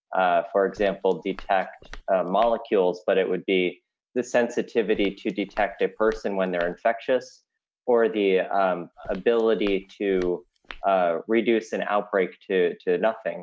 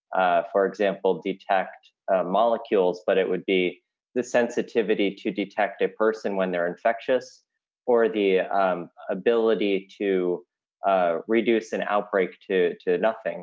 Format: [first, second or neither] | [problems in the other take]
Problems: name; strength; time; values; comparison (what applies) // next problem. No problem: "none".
second | background sound (Walk, footsteps); 20 dB below the speech